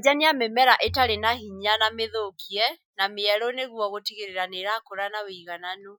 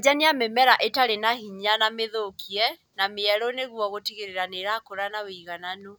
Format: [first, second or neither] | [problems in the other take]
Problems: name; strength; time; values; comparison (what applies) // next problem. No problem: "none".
second | noise reduction (classical method Wiener filter)